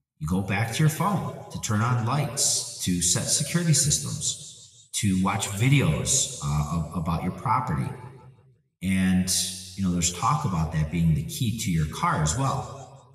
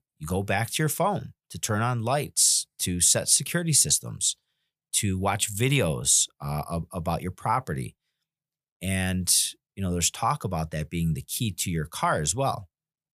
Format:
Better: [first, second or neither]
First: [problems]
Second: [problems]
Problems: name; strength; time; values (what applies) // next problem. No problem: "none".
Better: second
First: room echo; slight; dies away in 1.4 s // off-mic speech; somewhat distant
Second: none